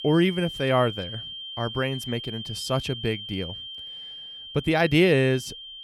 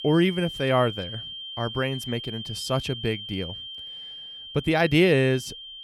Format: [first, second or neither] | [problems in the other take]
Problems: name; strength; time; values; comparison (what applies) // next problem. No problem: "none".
neither | high-pitched whine; noticeable; throughout; 3 kHz, 10 dB below the speech; the same in both